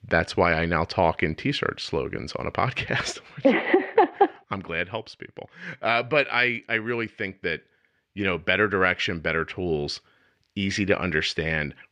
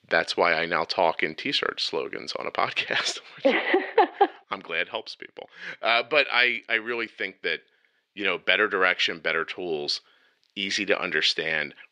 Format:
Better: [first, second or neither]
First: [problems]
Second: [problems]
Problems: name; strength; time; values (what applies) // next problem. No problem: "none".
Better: first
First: none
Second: thin; somewhat; fading below 350 Hz